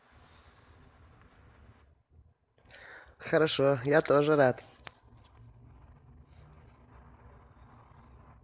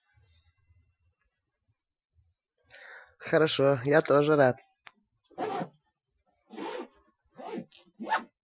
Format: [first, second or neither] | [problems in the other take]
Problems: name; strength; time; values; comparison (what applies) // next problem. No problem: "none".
first | noise reduction (classical method Wiener filter)